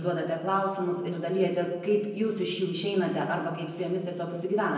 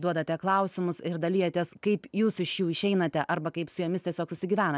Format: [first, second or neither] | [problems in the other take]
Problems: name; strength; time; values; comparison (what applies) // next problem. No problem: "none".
second | room echo; dies away in 0.9 s